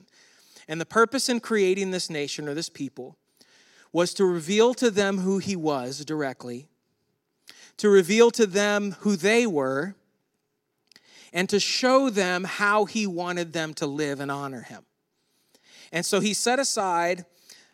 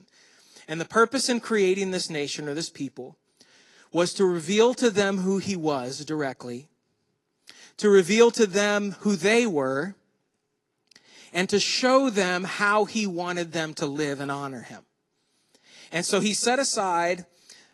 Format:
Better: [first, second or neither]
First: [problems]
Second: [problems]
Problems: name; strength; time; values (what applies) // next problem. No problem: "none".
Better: first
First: none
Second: garbled, watery; slightly